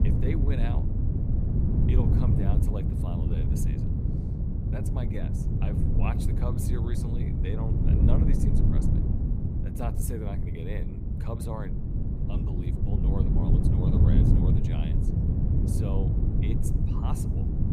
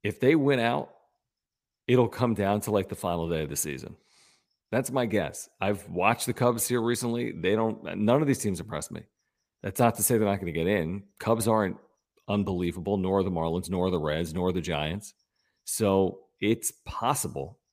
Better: second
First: wind noise on the microphone; heavy; 3 dB above the speech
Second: none

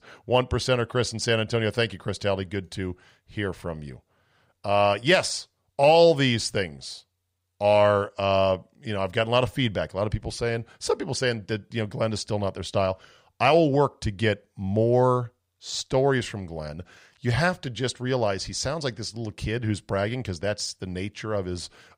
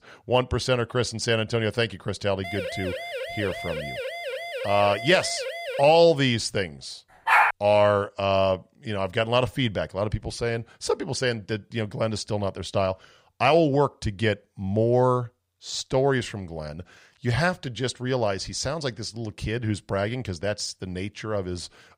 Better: first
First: none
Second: siren; noticeable; from 2.5 to 6 s; peak 6 dB below the speech // dog barking; loud; at 7.5 s; peak 6 dB above the speech

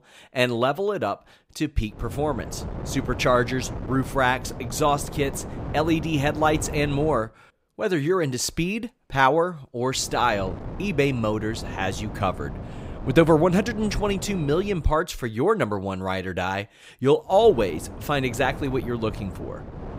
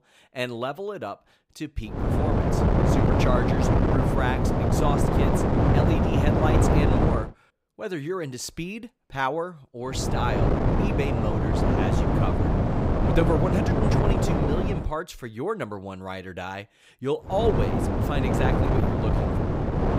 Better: first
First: wind noise on the microphone; occasional gusts; from 2 to 7 s, from 10 to 15 s and from 17 s on; 15 dB below the speech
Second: wind noise on the microphone; heavy; from 2 to 7 s, from 10 to 15 s and from 17 s on; 4 dB above the speech

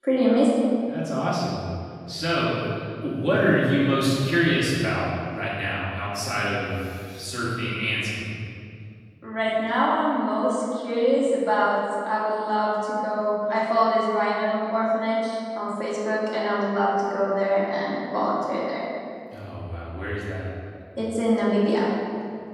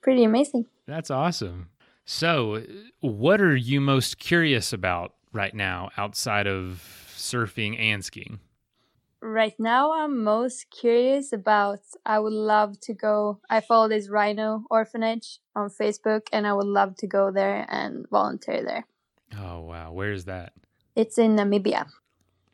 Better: second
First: room echo; strong; dies away in 2.1 s // off-mic speech; far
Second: none

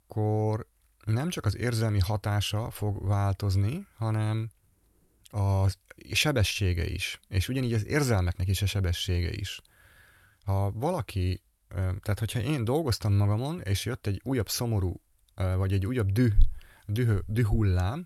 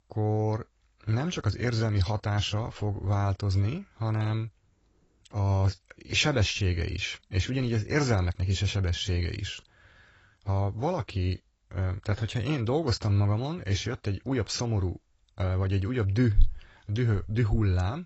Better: first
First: none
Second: garbled, watery; badly; nothing above 7.5 kHz

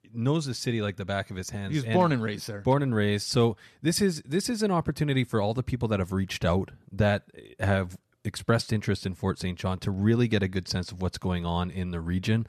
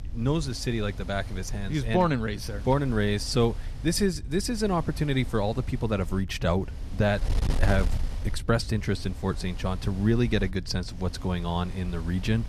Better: first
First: none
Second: wind noise on the microphone; occasional gusts; 15 dB below the speech

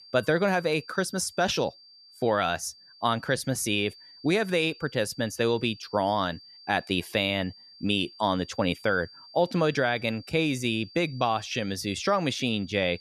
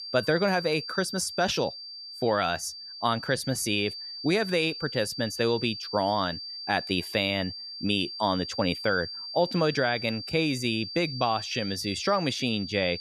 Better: first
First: high-pitched whine; faint; throughout; 4.5 kHz, 20 dB below the speech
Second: high-pitched whine; loud; throughout; 4.5 kHz, 8 dB below the speech

